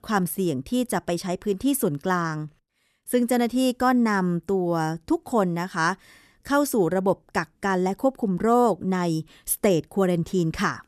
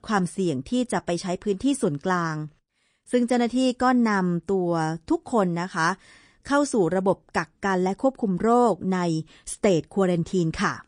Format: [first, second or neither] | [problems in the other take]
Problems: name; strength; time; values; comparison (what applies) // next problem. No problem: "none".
first | garbled, watery; slightly; nothing above 10 kHz